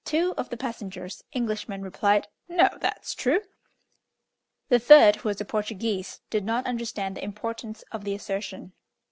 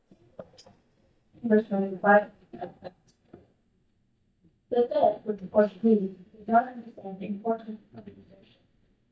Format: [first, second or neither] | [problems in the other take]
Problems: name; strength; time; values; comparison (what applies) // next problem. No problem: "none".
first | noise reduction (neural mask model DeepFilterNet 3)